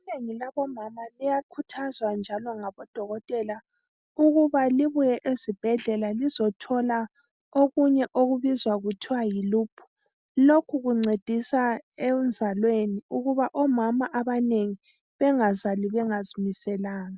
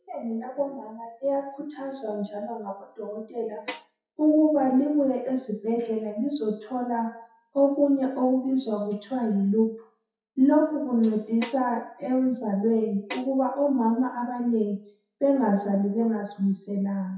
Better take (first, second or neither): first